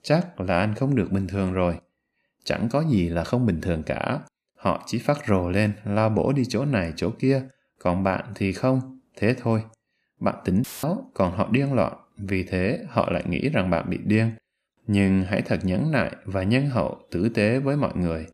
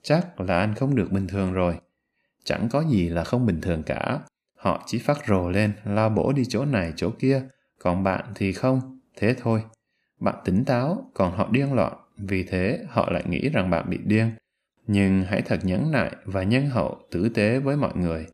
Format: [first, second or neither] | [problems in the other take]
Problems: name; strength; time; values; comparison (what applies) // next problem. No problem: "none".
second | audio cutting out; filled with static; at 11 s